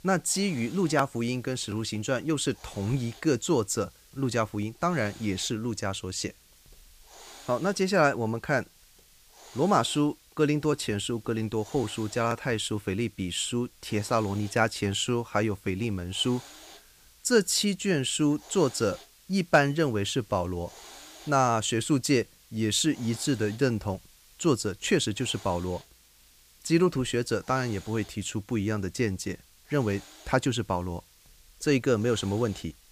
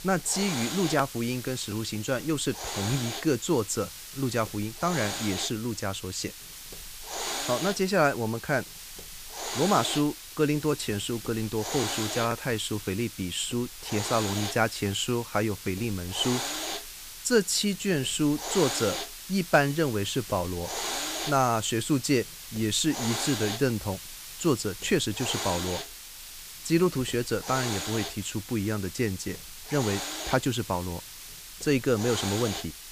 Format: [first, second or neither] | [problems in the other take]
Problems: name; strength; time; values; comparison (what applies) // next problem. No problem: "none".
first | hiss; loud; throughout; 7 dB below the speech; faint in the first